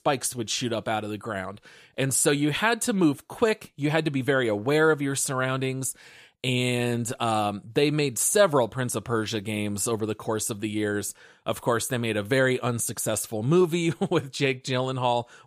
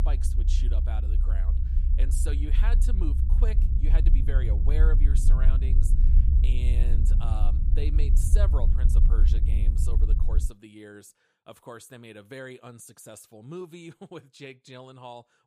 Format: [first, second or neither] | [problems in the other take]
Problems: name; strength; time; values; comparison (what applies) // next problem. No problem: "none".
first | low rumble; loud; until 10 s; 3 dB below the speech